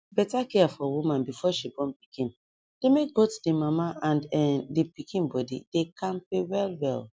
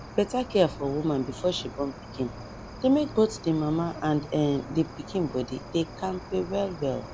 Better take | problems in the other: first | background sound (Cricket); 14 dB below the speech

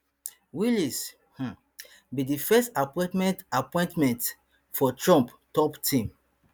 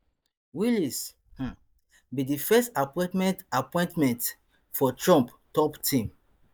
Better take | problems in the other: first | noise reduction (neural mask model DeepFilterNet 3)

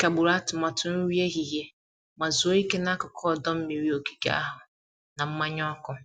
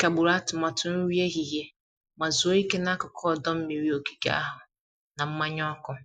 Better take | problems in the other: first | noise reduction (neural mask model Resemble Enhance denoiser)

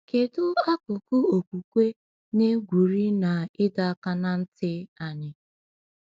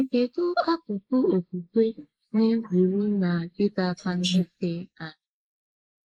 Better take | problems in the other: first | noise reduction (neural mask model Resemble Enhance denoiser)

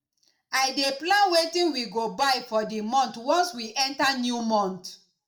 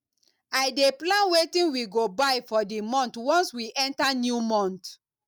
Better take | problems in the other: second | room echo; dies away in 0.4 s

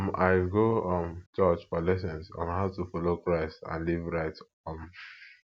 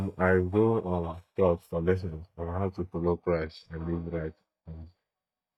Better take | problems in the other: first | noise reduction (neural mask model DeepFilterNet 3)

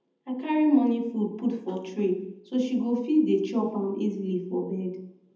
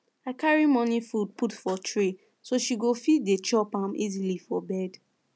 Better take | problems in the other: second | room echo; dies away in 0.8 s

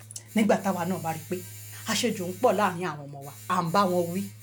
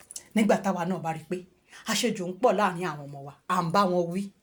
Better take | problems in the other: second | background sound (Domestic sounds, home sounds); 17 dB below the speech

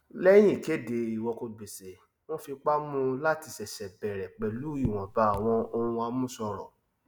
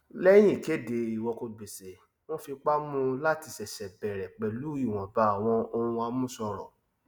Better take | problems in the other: second | background sound (Raindrop / Drip); 12 dB below the speech

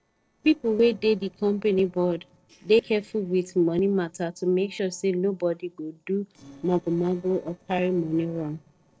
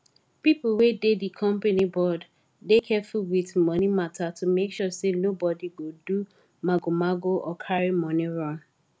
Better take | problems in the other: second | noise reduction (neural separator model SepFormer DNS4)

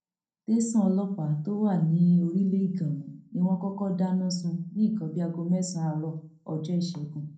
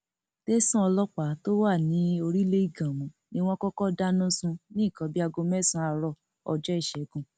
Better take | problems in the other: second | room echo; dies away in 0.6 s

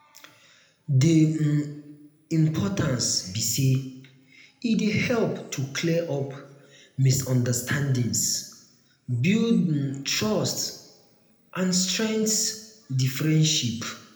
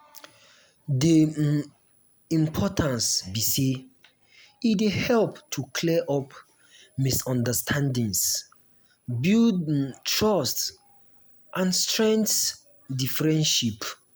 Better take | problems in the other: second | room echo; dies away in 0.7 s

